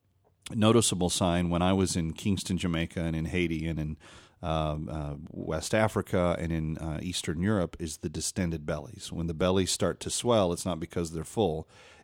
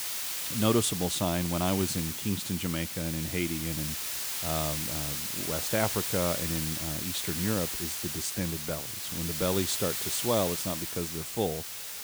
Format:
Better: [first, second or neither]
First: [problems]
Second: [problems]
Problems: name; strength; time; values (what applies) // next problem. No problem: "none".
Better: first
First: none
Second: hiss; loud; throughout; as loud as the speech